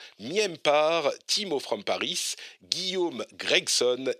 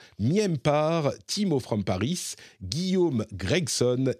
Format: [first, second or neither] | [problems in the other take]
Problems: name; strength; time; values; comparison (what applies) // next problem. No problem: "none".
second | thin; very; fading below 500 Hz